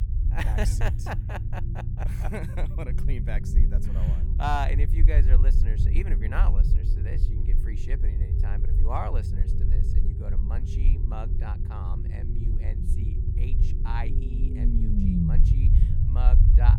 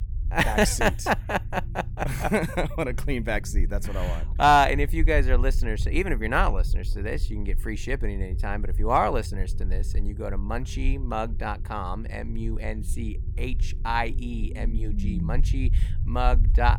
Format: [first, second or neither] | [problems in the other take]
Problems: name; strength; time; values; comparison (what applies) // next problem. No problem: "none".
second | low rumble; loud; throughout; 6 dB below the speech; faint in the second